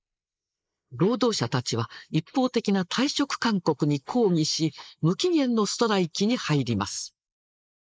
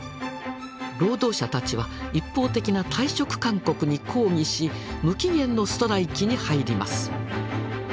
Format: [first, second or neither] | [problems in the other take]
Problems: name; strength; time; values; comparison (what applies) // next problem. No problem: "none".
second | noise reduction (neural mask model Resemble Enhance denoiser)